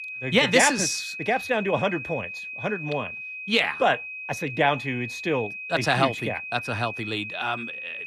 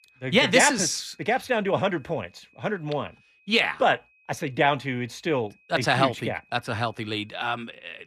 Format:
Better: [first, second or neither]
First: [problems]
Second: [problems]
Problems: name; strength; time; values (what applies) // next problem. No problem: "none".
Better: second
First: high-pitched whine; loud; throughout; 2.5 kHz, 8 dB below the speech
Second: high-pitched whine; faint; throughout; 2.5 kHz, 35 dB below the speech